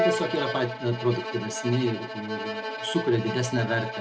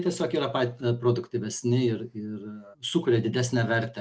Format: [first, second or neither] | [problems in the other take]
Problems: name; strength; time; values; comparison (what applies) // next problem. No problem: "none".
second | background sound (Bowed string instrument); 4 dB below the speech